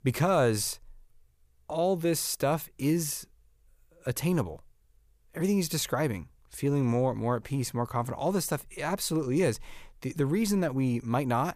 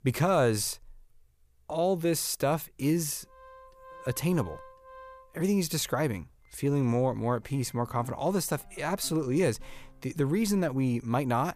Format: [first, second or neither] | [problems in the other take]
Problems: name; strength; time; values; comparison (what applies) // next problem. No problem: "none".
first | background music; faint; from 3.5 s on; 25 dB below the speech